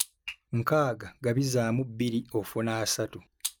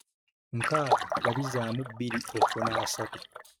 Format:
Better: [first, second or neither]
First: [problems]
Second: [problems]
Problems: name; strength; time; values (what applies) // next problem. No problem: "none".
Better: first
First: none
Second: noise reduction (neural mask model RNNoise)